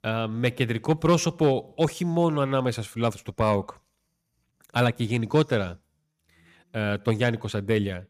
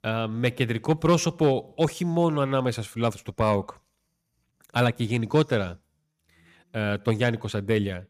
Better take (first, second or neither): neither